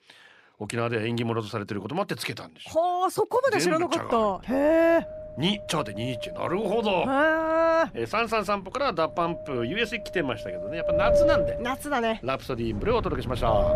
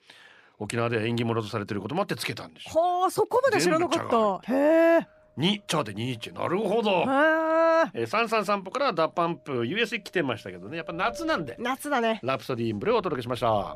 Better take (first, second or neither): second